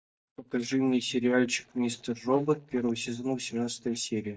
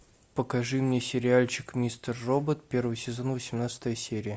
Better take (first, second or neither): second